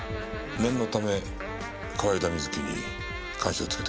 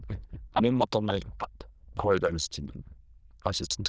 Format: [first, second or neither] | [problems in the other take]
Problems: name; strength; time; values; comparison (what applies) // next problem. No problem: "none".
first | noise reduction (neural diffusion model UNIVERSE++)